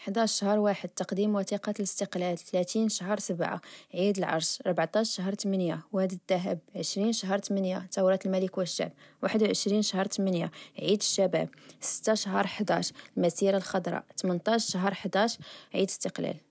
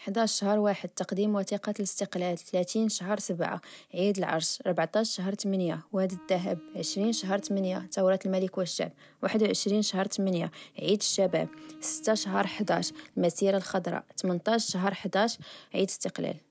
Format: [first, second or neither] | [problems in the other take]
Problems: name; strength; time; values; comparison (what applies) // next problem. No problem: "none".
first | background sound (Bowed string instrument); 19 dB below the speech